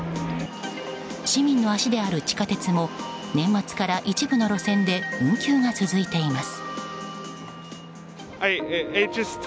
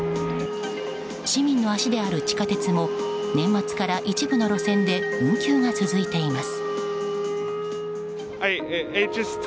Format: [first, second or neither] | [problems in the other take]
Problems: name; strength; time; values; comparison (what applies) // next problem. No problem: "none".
first | background sound (Wind instrument, woodwind instrument); 4 dB below the speech